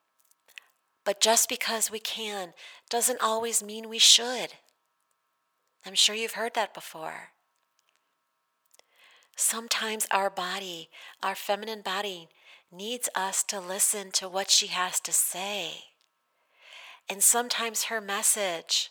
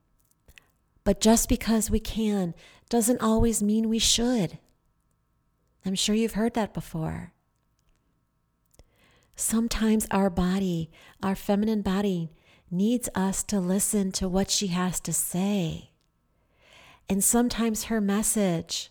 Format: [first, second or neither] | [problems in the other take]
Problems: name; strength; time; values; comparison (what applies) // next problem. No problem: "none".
second | thin; very; fading below 800 Hz